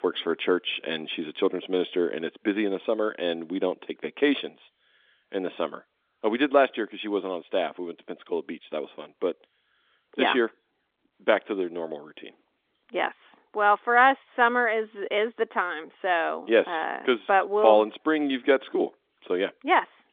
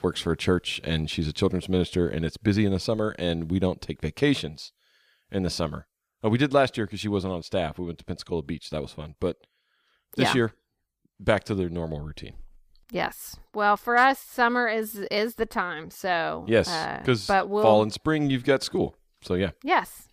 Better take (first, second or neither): second